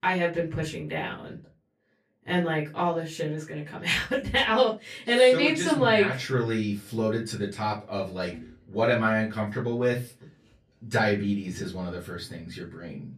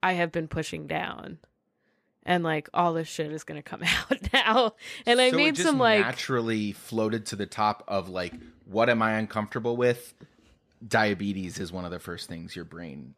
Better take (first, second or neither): second